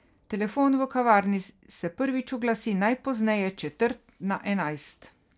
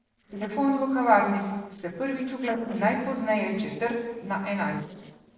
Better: first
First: none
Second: noise reduction (neural separator model SepFormer DNS4)

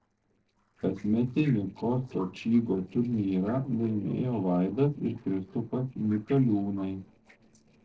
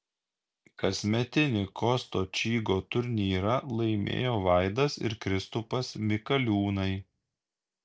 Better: second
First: noise reduction (neural separator model SepFormer DNS4)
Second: none

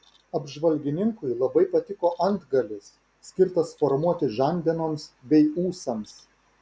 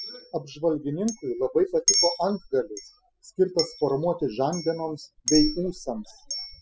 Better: first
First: none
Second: noise reduction (classical method spectral subtraction)

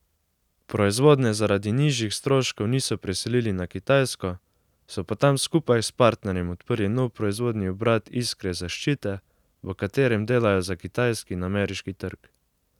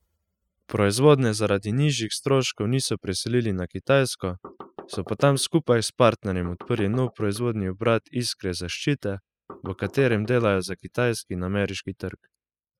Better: first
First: none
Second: noise reduction (classical method spectral subtraction)

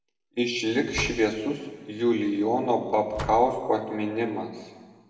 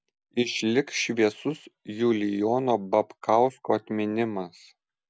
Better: second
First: background sound (Slam); 16 dB below the speech // room echo; dies away in 1.3 s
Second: none

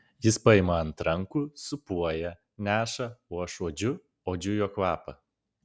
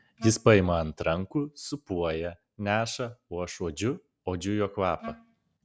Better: first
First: none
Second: background sound (Wind instrument, woodwind instrument); 15 dB below the speech

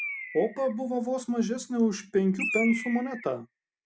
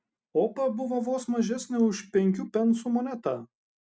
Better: second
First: background sound (Bird); 10 dB below the speech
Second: none

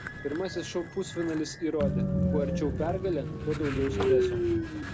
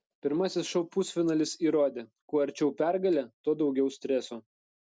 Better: second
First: background sound (Train); 2 dB above the speech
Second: none

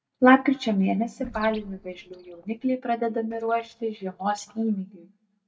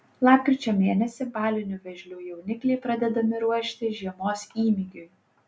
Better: second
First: noise reduction (neural mask model DeepFilterNet 3)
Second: none

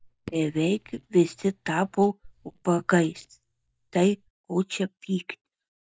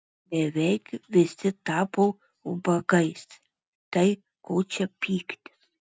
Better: second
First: noise reduction (neural mask model DeepFilterNet 3)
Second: none

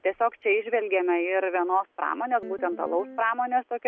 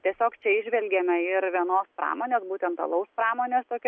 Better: second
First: background sound (Guitar); 18 dB below the speech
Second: none

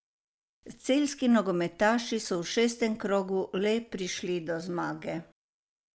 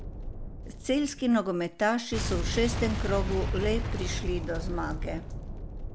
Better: first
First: none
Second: background sound (Boom); 2 dB below the speech

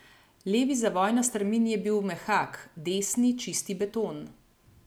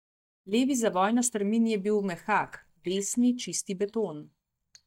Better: first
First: none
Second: noise reduction (neural mask model DeepFilterNet 3)

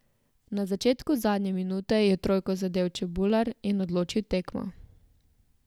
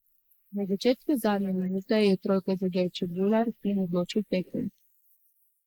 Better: first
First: none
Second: noise reduction (neural mask model Resemble Enhance denoiser)

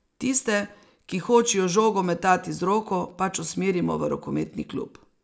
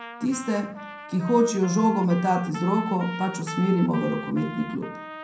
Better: first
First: none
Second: background sound (Trumpet); 13 dB below the speech // room echo; dies away in 0.6 s

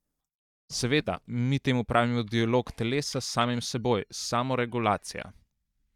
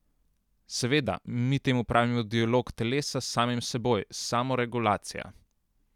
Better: second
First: noise reduction (neural mask model DeepFilterNet 3)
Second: none

